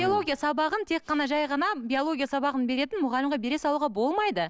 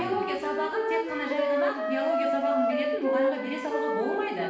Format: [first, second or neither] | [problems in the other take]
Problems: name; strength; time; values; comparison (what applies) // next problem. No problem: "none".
first | background sound (Wind instrument, woodwind instrument); 2 dB above the speech // room echo; dies away in 0.9 s